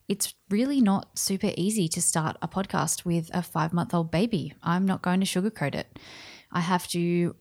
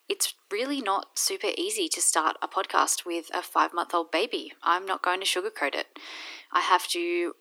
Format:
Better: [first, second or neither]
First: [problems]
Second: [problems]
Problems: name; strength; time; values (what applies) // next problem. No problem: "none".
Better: first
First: none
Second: thin; very; fading below 300 Hz